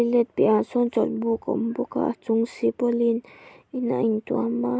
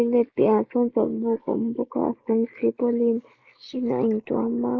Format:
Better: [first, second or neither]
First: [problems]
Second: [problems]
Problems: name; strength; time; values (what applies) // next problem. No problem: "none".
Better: first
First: none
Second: noise reduction (neural mask model Resemble Enhance denoiser)